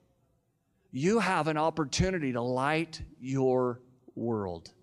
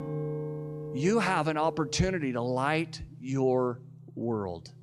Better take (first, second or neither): first